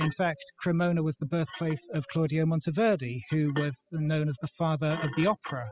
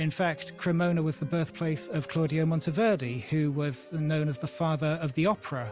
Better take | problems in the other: second | noise reduction (classical method spectral subtraction)

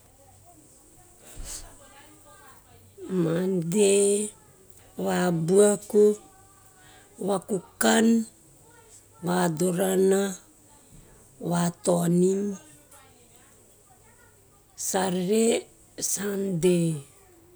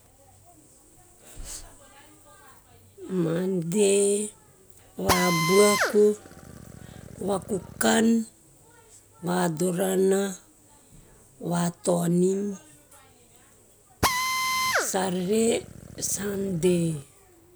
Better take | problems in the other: first | background sound (Drill); 3 dB below the speech

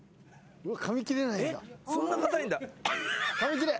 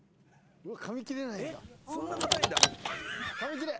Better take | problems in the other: first | background sound (Car); 4 dB above the speech

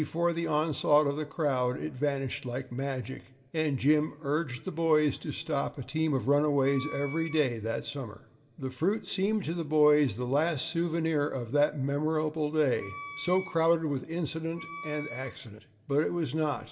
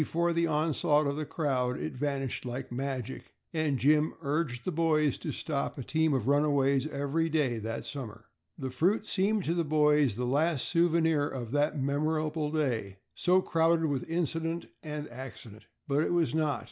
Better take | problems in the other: second | background sound (Wind instrument, woodwind instrument); 15 dB below the speech // room echo; dies away in 0.3 s

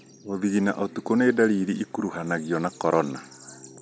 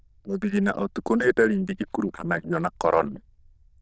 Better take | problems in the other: first | noise reduction (neural diffusion model UNIVERSE++)

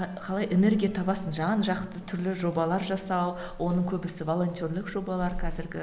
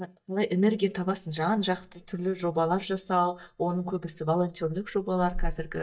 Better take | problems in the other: first | noise reduction (neural mask model DeepFilterNet 3)

